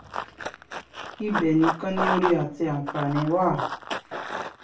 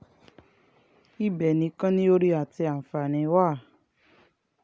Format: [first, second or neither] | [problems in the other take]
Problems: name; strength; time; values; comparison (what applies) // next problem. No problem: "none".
second | background sound (Run); 5 dB below the speech // room echo; dies away in 0.3 s